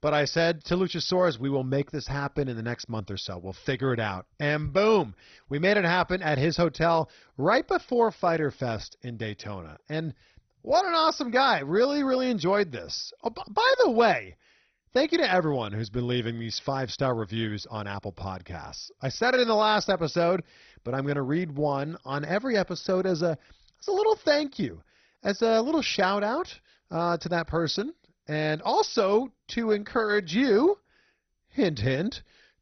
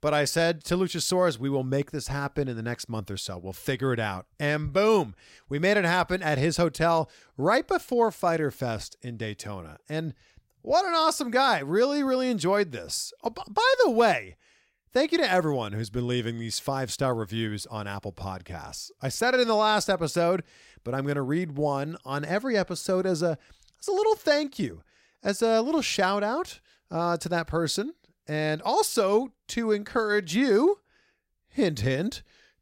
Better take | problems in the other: second | garbled, watery; badly; nothing above 6 kHz

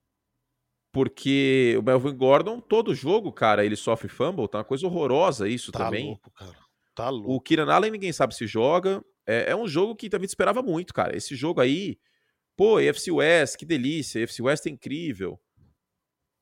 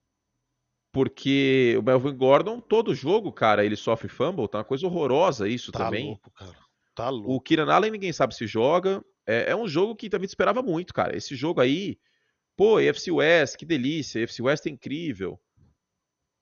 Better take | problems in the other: first | garbled, watery; slightly; nothing above 6.5 kHz

